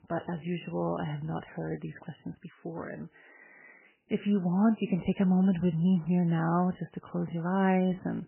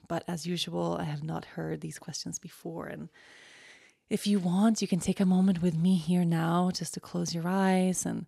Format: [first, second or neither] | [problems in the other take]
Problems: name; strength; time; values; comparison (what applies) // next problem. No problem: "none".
second | garbled, watery; badly; nothing above 3 kHz